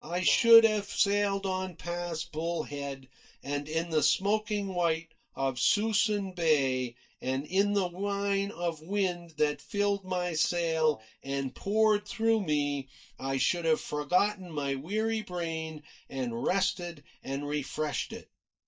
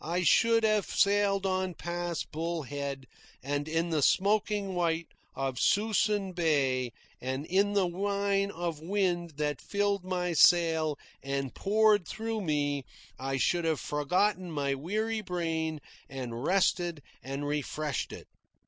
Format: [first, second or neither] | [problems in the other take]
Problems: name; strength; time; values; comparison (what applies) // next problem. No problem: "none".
second | noise reduction (neural mask model DeepFilterNet 3)